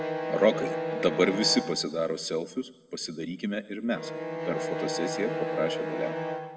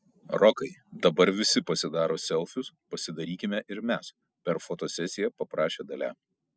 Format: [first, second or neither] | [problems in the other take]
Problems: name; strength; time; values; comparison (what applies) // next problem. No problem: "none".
second | background sound (Bowed string instrument); 4 dB below the speech // room echo; dies away in 0.9 s